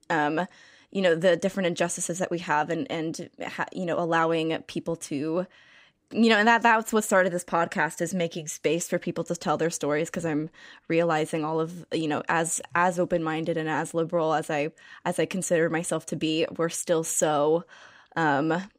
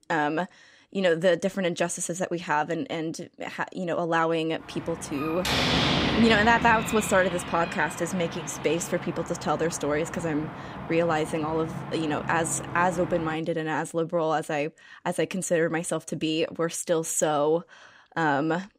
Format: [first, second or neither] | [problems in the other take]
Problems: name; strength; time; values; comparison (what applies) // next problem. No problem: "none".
first | door banging; loud; from 5 to 13 s; peak 5 dB above the speech